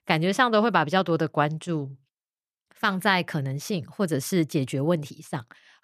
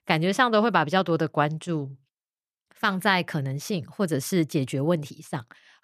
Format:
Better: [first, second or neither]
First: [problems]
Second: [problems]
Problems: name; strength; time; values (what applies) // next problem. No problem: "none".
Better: neither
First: none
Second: none